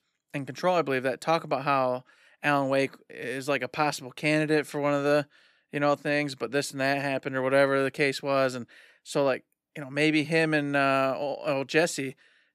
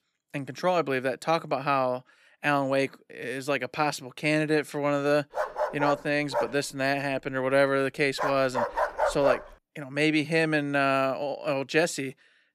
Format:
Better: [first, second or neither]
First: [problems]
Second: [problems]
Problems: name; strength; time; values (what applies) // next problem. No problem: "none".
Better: first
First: none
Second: dog barking; loud; from 5.5 to 9.5 s; peak level with the speech